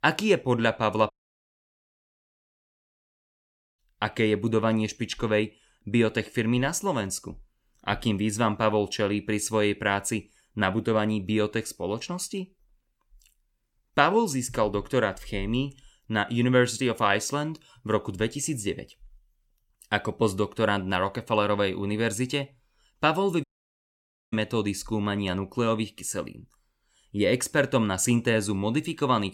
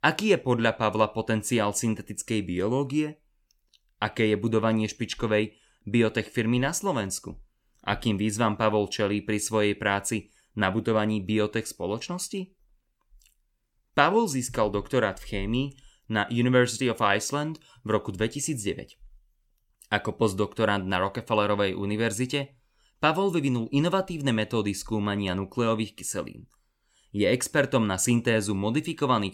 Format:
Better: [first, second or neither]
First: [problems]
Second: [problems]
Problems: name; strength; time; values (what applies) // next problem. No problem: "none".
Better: second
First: audio cutting out; at 1 s for 2.5 s and at 23 s for 1 s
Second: none